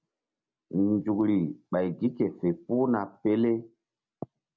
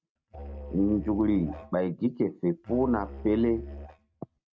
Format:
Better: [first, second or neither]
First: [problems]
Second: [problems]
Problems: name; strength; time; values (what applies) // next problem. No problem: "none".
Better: first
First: none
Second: noise reduction (neural mask model RNNoise)